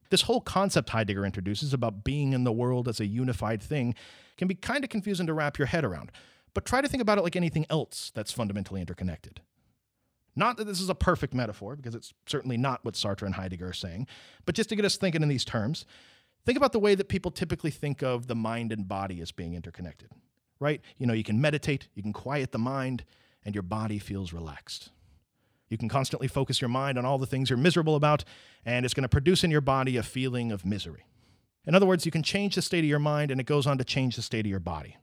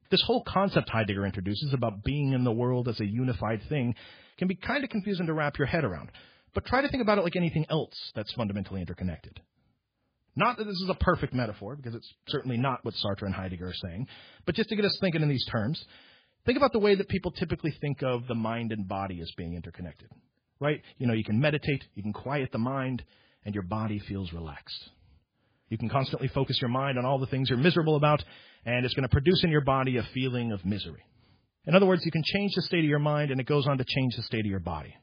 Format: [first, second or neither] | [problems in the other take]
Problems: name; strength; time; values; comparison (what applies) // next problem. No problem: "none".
first | garbled, watery; badly; nothing above 4 kHz